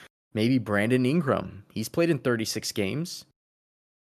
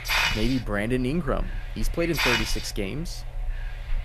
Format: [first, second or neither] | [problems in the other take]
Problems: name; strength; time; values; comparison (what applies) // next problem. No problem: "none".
first | hiss; loud; throughout; as loud as the speech